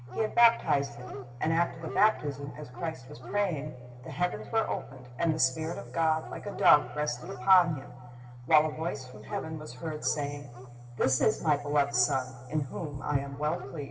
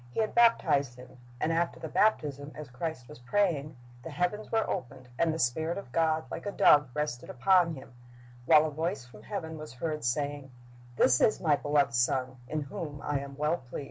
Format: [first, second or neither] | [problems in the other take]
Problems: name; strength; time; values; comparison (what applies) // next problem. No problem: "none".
second | background sound (Dog); 18 dB below the speech // room echo; dies away in 1.3 s